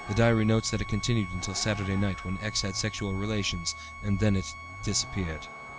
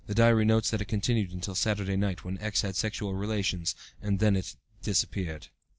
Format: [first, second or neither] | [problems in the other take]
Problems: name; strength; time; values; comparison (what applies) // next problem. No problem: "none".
second | background sound (Bowed string instrument + Vehicle); 12 dB below the speech